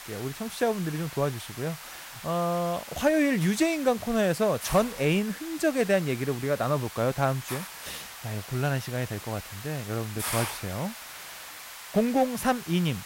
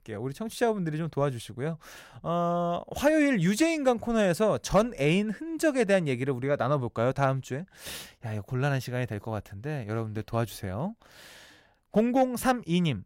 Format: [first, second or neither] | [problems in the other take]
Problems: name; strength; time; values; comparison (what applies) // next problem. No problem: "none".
second | hiss; noticeable; throughout; 10 dB below the speech